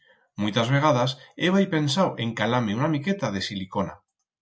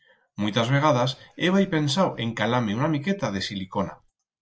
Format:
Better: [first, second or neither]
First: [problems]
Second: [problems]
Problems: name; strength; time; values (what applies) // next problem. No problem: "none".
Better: first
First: none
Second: noise reduction (neural separator model SepFormer DNS4)